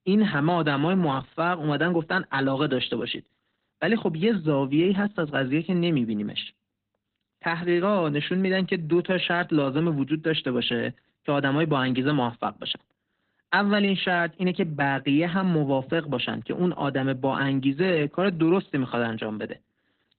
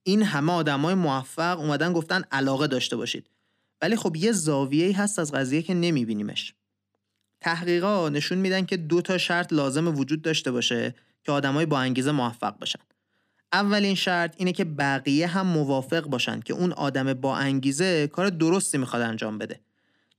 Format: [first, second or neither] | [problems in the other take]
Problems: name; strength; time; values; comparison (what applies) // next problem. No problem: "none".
second | garbled, watery; badly; nothing above 4 kHz